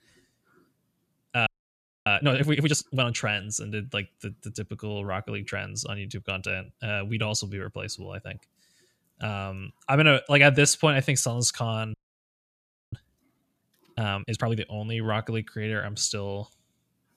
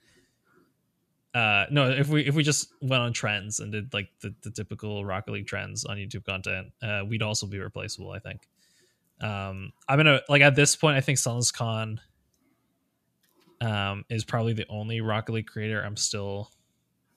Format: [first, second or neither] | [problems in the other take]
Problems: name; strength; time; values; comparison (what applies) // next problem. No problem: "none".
second | audio freezing; at 1.5 s for 0.5 s and at 12 s for 1 s